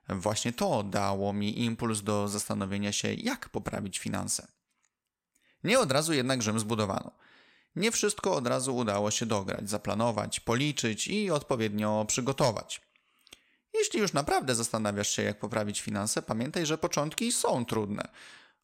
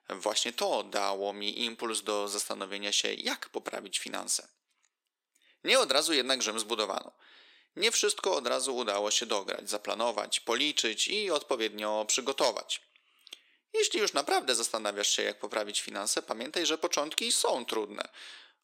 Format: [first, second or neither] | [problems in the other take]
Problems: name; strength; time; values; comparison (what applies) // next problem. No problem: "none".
first | thin; somewhat; fading below 350 Hz